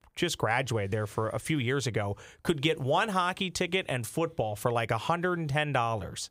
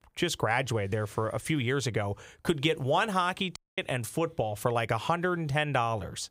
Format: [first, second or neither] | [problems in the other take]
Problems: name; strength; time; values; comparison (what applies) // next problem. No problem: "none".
first | audio cutting out; at 3.5 s